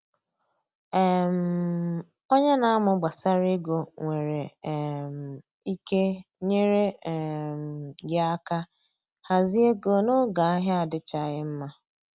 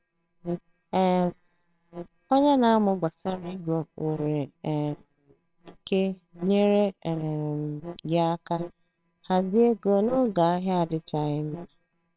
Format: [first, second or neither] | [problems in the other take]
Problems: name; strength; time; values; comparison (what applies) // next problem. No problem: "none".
first | noise reduction (neural separator model SepFormer WHAMR!)